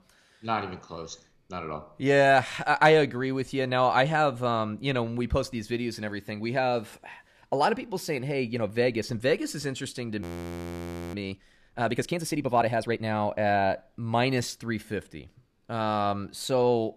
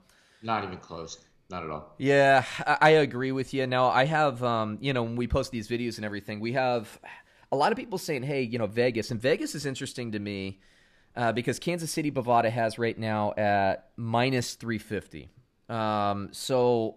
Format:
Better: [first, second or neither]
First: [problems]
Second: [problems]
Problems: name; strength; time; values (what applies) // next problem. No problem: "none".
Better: second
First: audio freezing; at 10 s for 1 s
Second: none